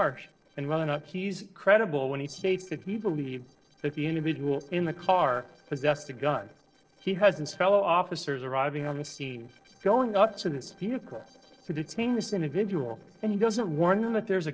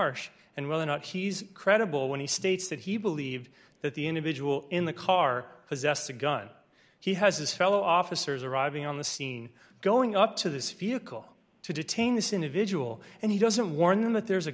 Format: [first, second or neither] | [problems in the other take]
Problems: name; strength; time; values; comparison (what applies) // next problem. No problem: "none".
second | noise reduction (neural separator model SepFormer DNS4)